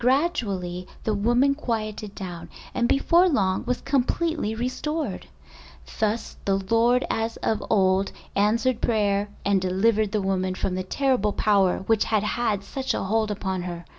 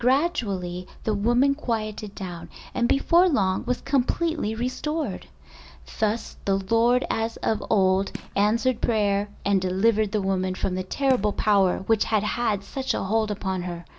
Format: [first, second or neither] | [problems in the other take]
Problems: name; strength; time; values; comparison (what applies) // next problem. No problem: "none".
first | background sound (Fireworks); 19 dB below the speech